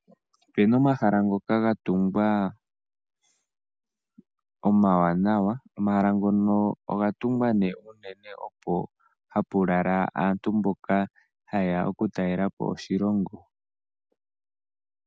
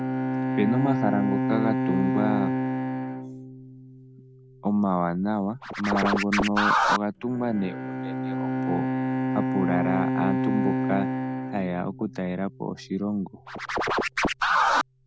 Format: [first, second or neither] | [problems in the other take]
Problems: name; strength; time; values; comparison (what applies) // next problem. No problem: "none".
first | background sound (Bowed string instrument + Scratching (performance technique)); 2 dB above the speech